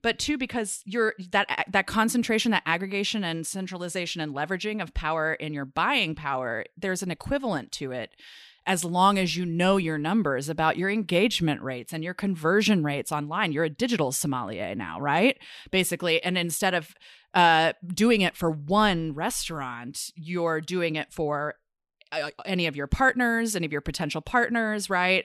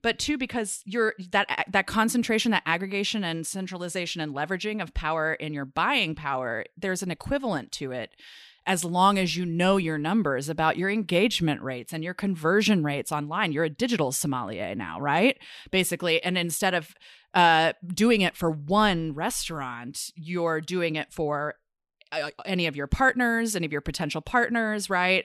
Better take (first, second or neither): neither